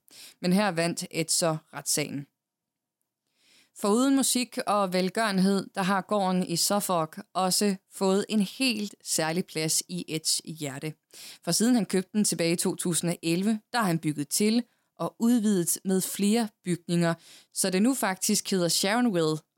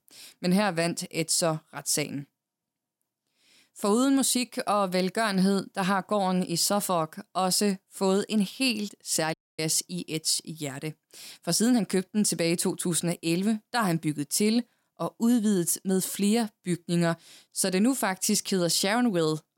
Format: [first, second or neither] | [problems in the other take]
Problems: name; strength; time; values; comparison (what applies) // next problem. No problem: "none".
first | audio cutting out; at 9.5 s